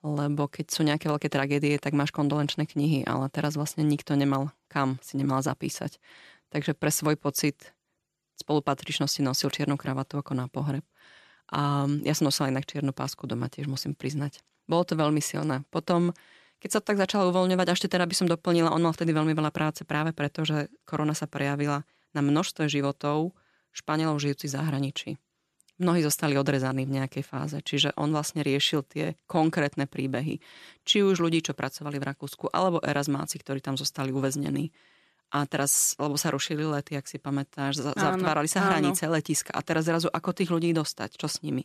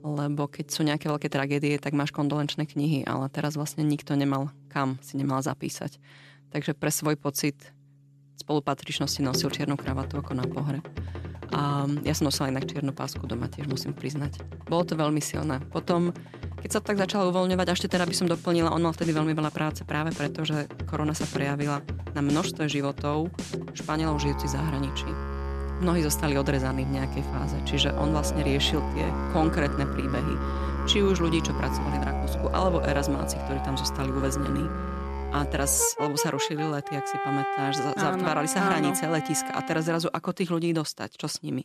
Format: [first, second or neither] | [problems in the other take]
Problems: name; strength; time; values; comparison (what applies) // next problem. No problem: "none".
first | background music; loud; throughout; 5 dB below the speech